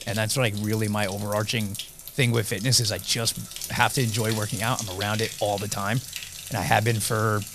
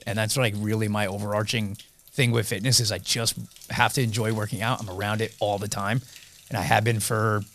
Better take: second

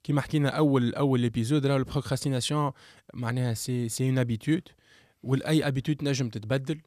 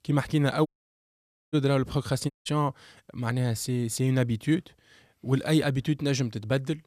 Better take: first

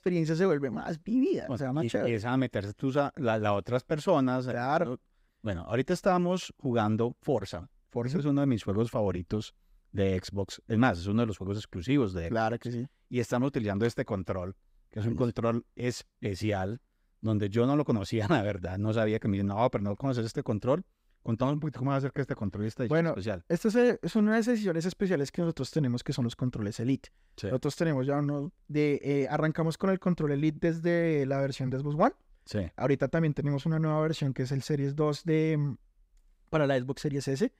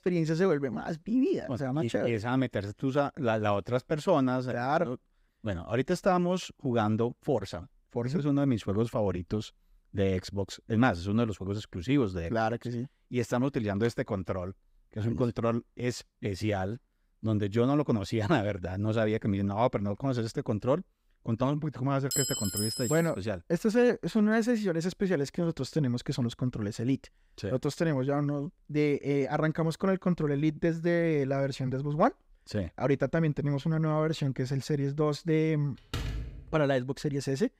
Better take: first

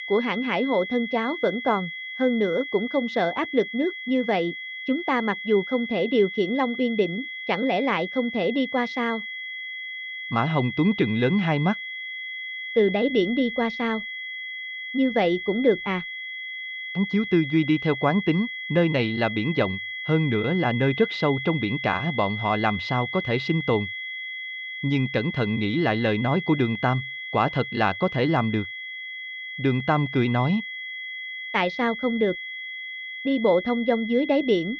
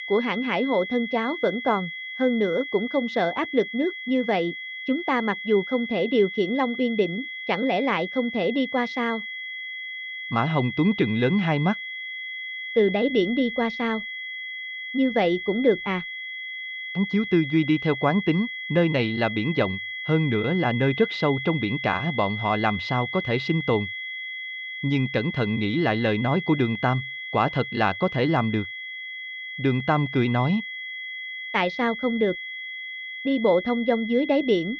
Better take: neither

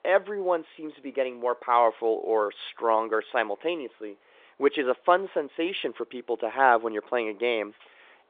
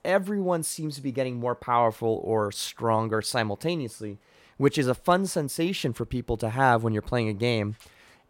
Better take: second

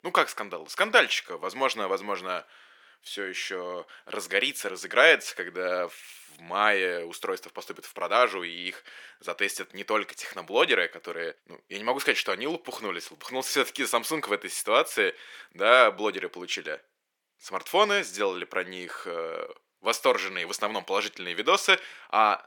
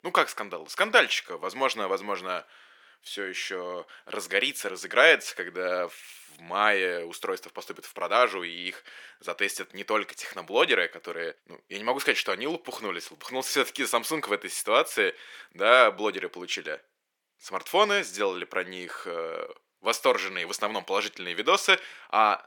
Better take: neither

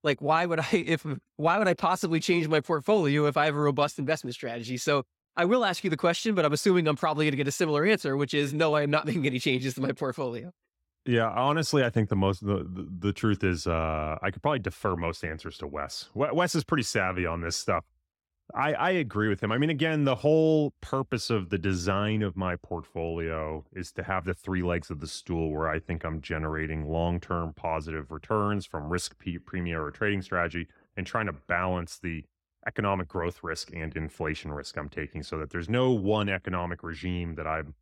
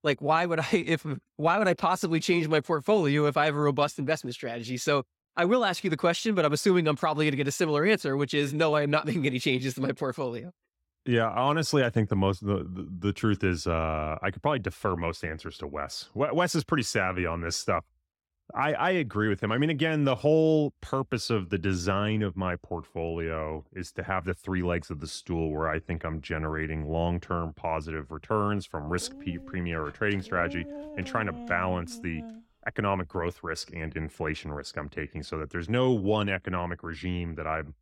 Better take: first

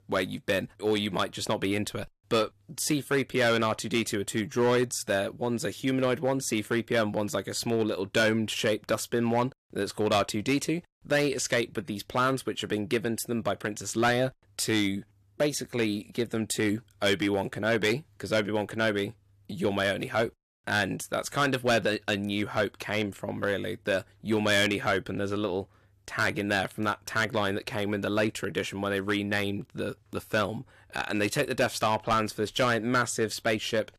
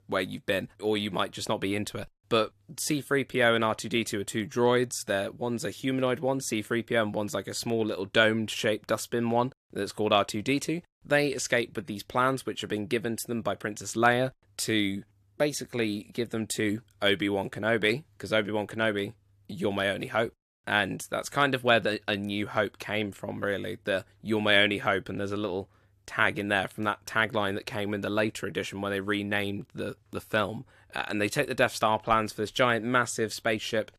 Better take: second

